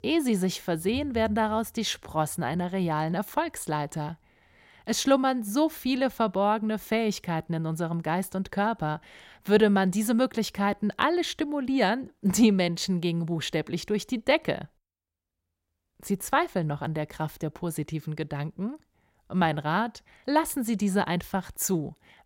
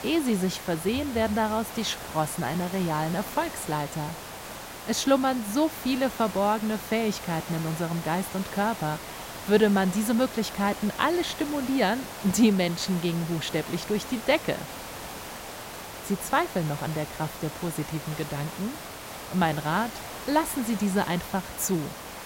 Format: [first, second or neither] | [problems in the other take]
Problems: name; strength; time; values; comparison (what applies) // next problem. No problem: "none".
first | hiss; noticeable; throughout; 10 dB below the speech